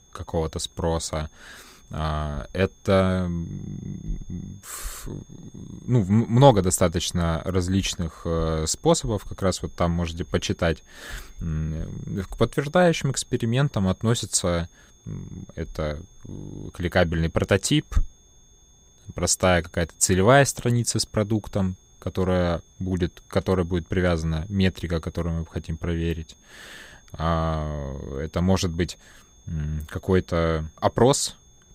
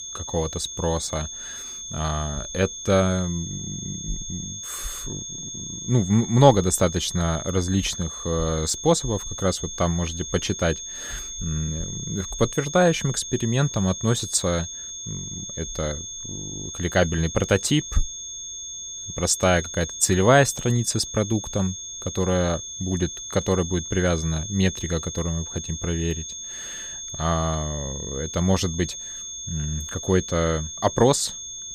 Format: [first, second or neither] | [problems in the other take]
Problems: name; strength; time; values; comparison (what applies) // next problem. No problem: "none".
first | high-pitched whine; loud; throughout; 6.5 kHz, 8 dB below the speech; faint in the first